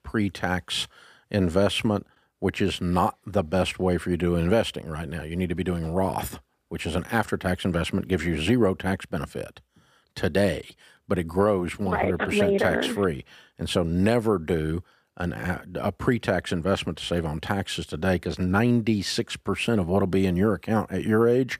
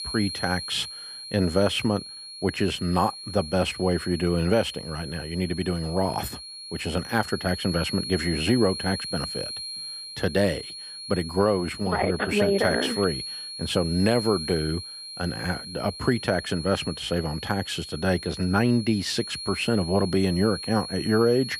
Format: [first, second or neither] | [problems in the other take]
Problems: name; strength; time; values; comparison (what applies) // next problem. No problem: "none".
first | high-pitched whine; loud; throughout; 4 kHz, 9 dB below the speech